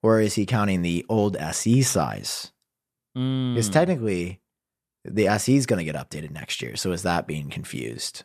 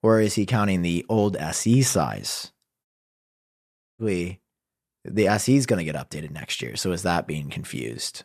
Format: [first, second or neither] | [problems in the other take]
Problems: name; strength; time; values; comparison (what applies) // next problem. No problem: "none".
first | audio cutting out; at 3 s for 1 s